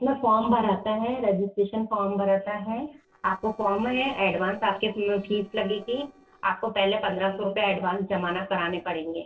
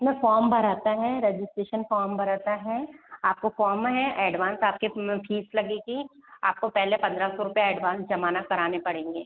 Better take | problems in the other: second | noise reduction (neural separator model SepFormer DNS4)

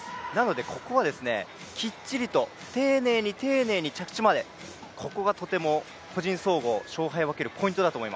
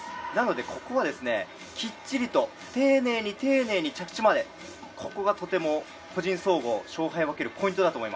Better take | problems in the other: first | room echo; dies away in 0.2 s

